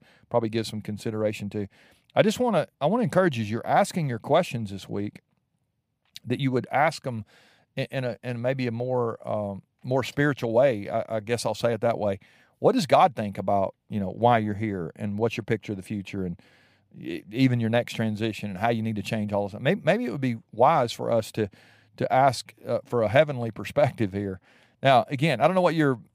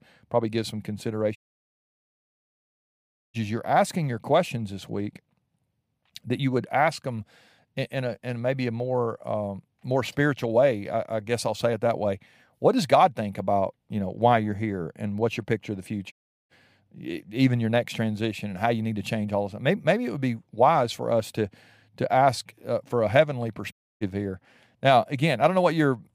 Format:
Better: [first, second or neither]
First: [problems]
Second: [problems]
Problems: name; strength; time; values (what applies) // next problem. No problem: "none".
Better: first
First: none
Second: audio cutting out; at 1.5 s for 2 s, at 16 s and at 24 s